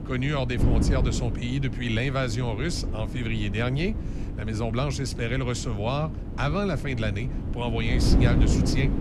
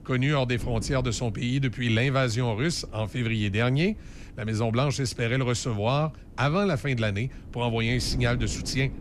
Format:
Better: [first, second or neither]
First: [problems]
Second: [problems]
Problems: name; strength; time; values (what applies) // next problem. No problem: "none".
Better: second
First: wind noise on the microphone; heavy; 7 dB below the speech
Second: wind noise on the microphone; occasional gusts; 20 dB below the speech